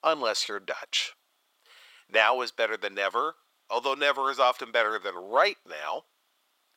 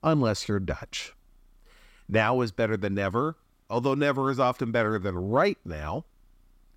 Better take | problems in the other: second | thin; very; fading below 550 Hz

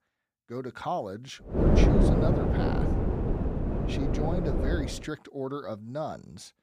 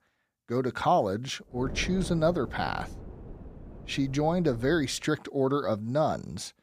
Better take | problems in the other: second | wind noise on the microphone; heavy; from 1.5 to 5 s; 4 dB above the speech; occasional gusts in the second

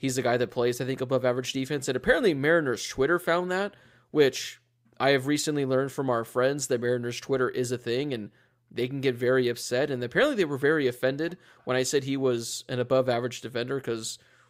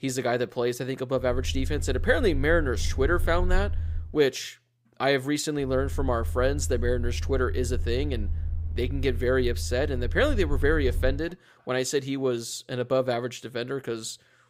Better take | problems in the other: first | low rumble; faint; from 1.5 to 4 s and from 5.5 to 11 s; 20 dB below the speech

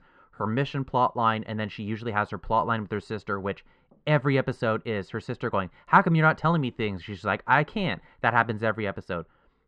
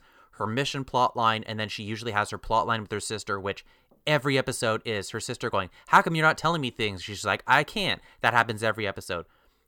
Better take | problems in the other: second | muffled; slightly; fading above 2 kHz

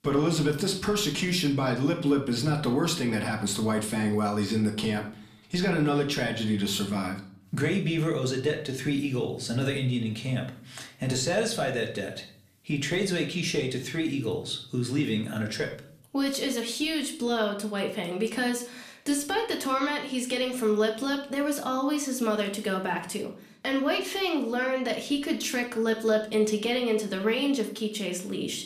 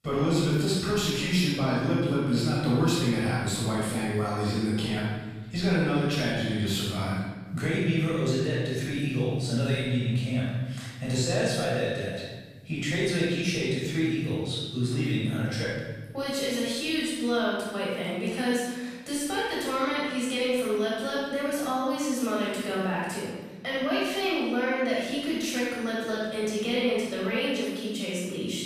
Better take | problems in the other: first | room echo; strong; dies away in 1.5 s; slight in the first // off-mic speech; far; somewhat distant in the first

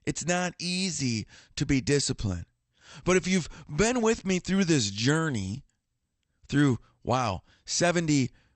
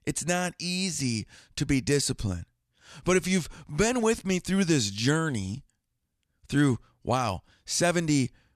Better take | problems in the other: second | garbled, watery; slightly; nothing above 8 kHz

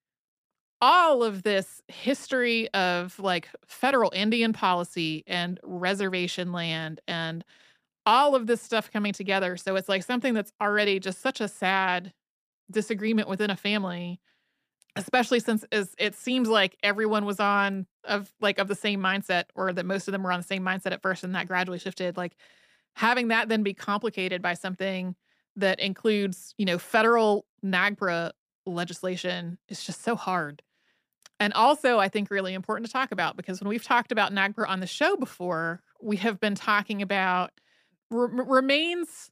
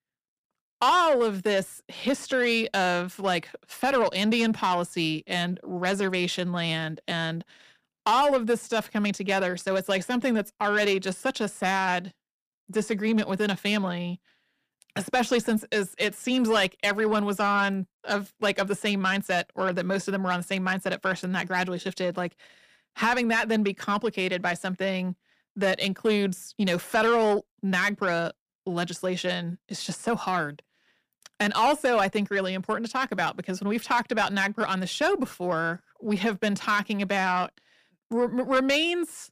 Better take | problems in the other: first | distortion; slight; 10 dB below the speech

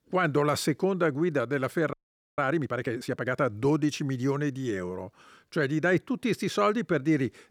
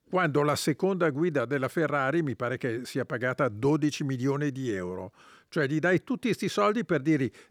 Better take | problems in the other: second | audio freezing; at 2 s

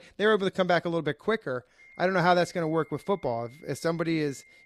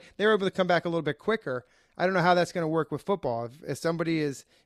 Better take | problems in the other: second | high-pitched whine; faint; from 2 s on; 2 kHz, 25 dB below the speech

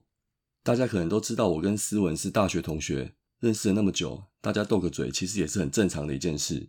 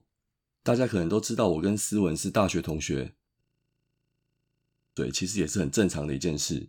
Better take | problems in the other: first | audio freezing; at 3.5 s for 1.5 s

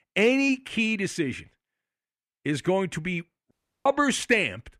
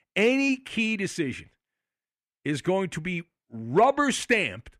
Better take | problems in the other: second | audio cutting out; at 3.5 s

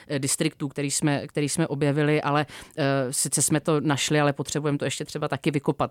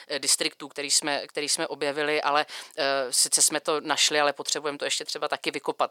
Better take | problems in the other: first | thin; very; fading below 650 Hz

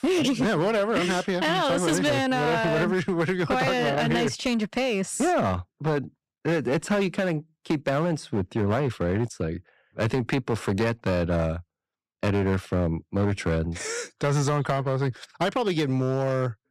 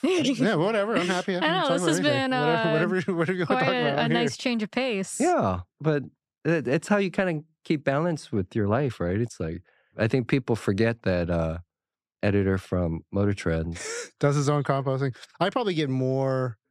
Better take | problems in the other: second | distortion; slight; 11% of the sound clipped

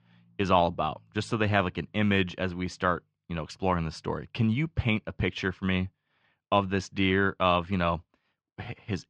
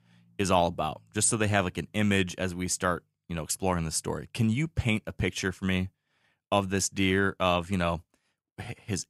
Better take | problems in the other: second | muffled; slightly; fading above 4 kHz

